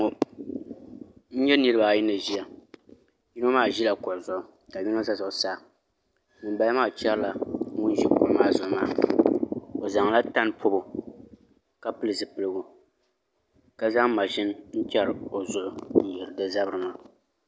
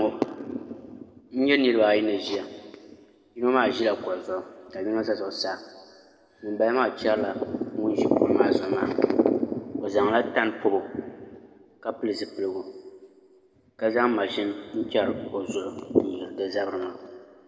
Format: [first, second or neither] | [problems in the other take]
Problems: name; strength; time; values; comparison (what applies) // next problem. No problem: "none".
first | room echo; dies away in 1.7 s